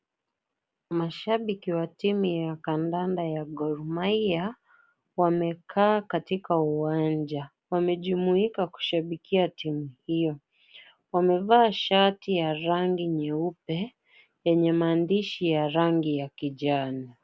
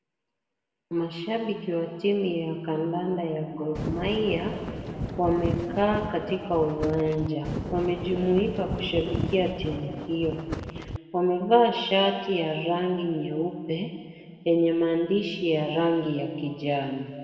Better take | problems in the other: first | background sound (Wind); 7 dB below the speech // room echo; dies away in 2 s

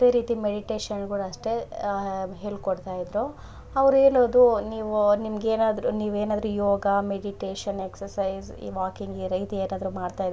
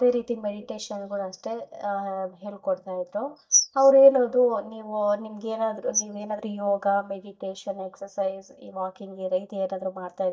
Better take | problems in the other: first | noise reduction (neural mask model DeepFilterNet 3)

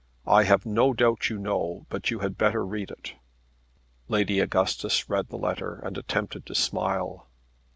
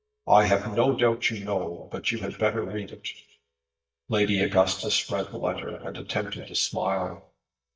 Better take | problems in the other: first | noise reduction (neural mask model DeepFilterNet 3)

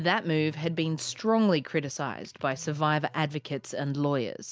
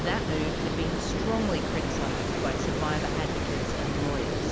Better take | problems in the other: first | background sound (Water); 5 dB above the speech

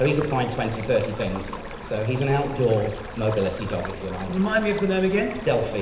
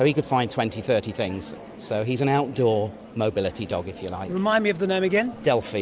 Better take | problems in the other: second | background sound (Stream); 13 dB below the speech // room echo; dies away in 0.8 s

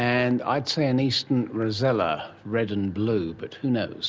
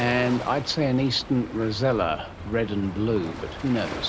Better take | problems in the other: first | background sound (Waves, surf); 12 dB below the speech

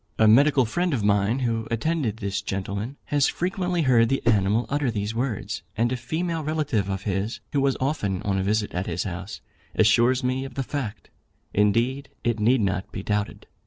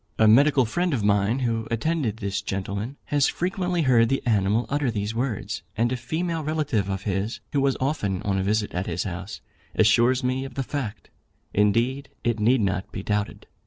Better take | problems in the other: second | background sound (Whoosh, swoosh, swish); 3 dB below the speech

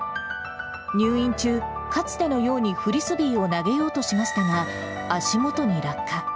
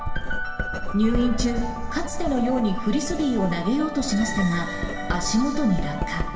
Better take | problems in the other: first | background sound (Writing); 4 dB below the speech // room echo; dies away in 2.5 s

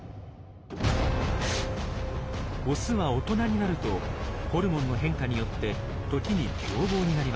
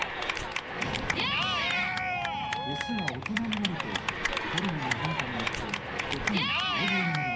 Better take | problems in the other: first | background sound (Cheering / Clapping); 5 dB above the speech // room echo; dies away in 0.3 s

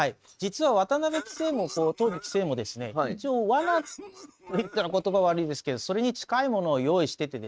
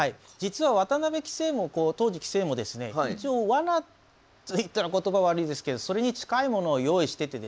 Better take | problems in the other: second | noise reduction (neural mask model RNNoise)

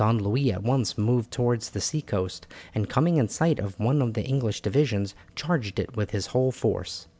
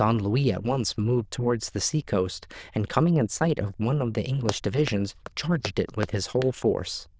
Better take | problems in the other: first | noise reduction (neural diffusion model UNIVERSE++)

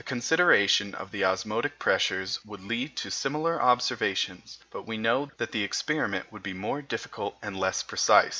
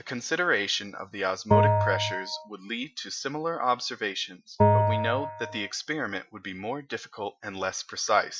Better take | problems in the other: first | noise reduction (classical method Wiener filter)

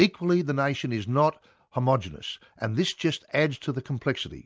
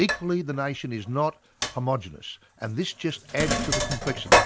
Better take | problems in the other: first | background sound (Sink (filling or washing)); 1 dB above the speech

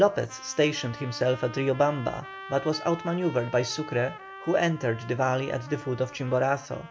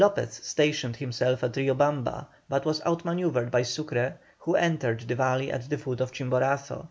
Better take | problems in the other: second | background sound (Trumpet); 16 dB below the speech

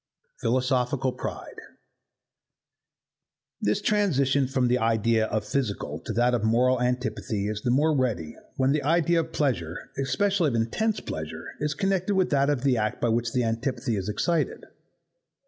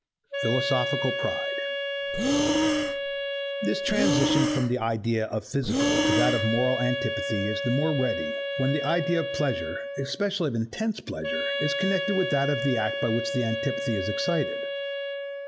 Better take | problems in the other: first | background sound (Wind instrument, woodwind instrument + Breathing); as loud as the speech

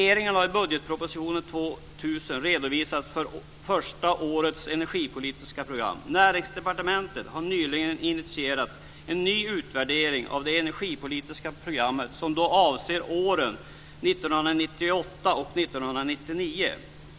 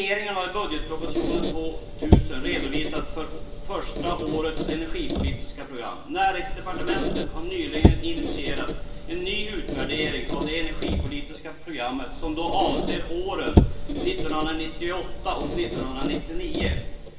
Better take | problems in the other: first | background sound (Squeak); 4 dB above the speech // room echo; dies away in 0.9 s

